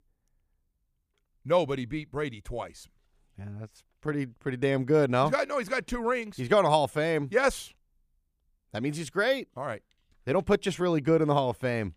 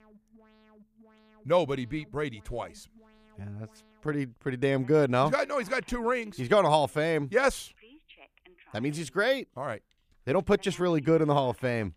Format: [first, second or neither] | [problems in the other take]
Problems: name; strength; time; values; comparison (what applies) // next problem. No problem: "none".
first | alarms or sirens; faint; throughout; 30 dB below the speech